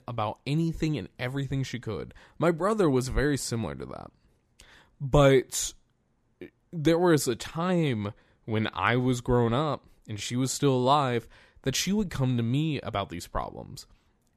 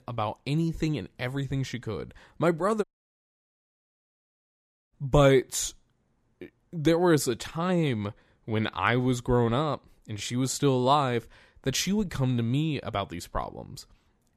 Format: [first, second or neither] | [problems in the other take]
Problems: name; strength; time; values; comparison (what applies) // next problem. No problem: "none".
first | audio cutting out; at 3 s for 2 s